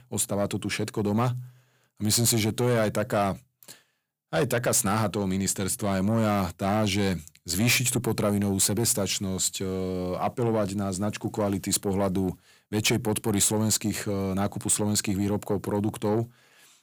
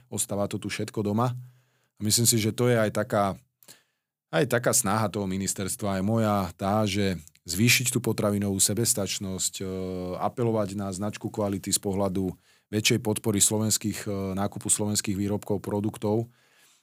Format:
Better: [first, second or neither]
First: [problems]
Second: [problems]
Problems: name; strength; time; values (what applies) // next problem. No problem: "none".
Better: second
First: distortion; slight; 10 dB below the speech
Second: none